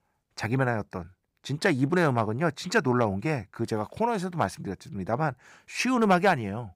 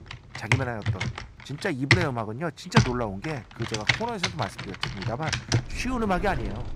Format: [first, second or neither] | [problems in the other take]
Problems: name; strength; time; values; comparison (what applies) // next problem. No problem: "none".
first | household noises; very loud; throughout; 3 dB above the speech